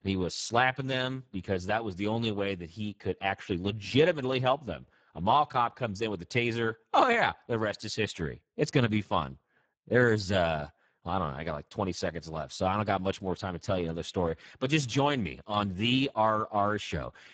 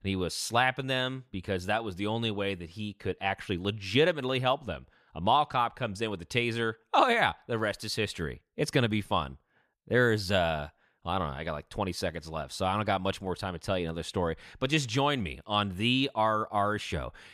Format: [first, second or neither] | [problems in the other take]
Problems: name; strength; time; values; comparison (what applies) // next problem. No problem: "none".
second | garbled, watery; badly; nothing above 7.5 kHz